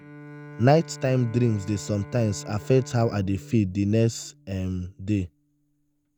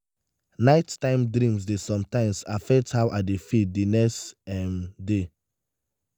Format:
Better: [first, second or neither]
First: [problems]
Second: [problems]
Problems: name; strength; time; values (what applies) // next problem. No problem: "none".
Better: second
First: background sound (Bowed string instrument); 18 dB below the speech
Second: none